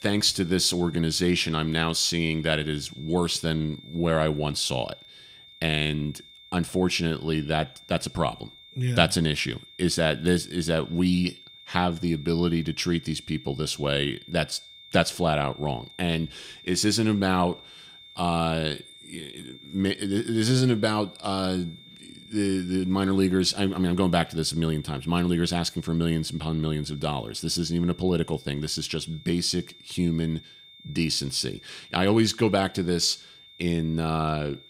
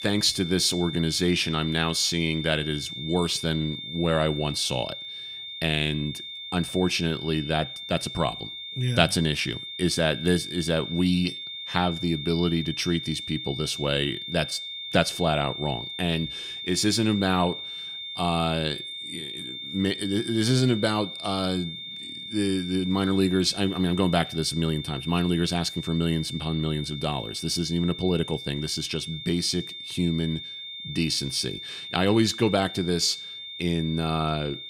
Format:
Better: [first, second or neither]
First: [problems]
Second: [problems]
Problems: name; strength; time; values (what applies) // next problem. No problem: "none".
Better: first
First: high-pitched whine; faint; throughout; 3.5 kHz, 20 dB below the speech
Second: high-pitched whine; loud; throughout; 3.5 kHz, 8 dB below the speech